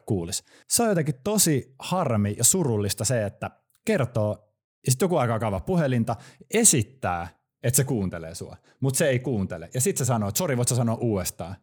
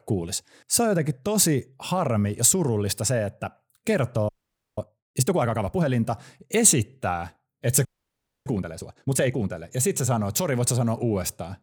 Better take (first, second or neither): first